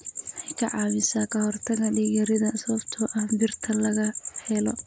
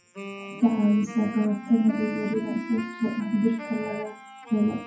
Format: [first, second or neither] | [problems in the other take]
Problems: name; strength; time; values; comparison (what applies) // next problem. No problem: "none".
first | noise reduction (classical method WPE with log-MMSE)